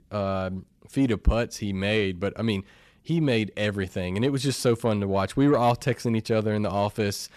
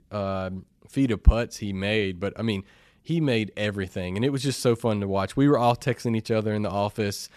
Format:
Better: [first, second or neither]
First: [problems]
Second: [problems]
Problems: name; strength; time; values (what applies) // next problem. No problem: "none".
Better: second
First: distortion; slight; 10 dB below the speech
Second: none